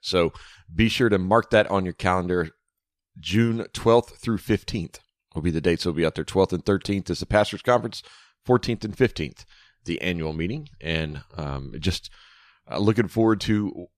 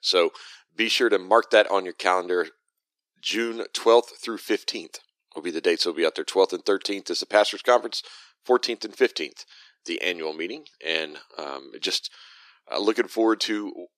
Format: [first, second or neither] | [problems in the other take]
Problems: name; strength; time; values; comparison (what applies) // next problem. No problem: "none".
first | thin; very; fading below 300 Hz